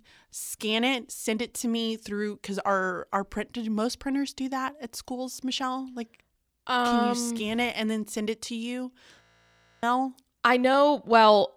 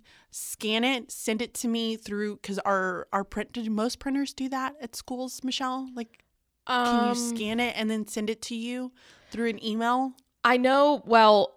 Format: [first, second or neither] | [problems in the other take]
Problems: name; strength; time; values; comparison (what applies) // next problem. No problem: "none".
second | audio freezing; at 9 s for 0.5 s